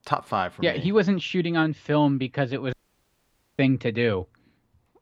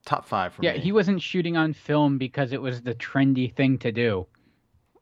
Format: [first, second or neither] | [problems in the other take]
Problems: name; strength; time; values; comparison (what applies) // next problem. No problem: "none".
second | audio cutting out; at 2.5 s for 1 s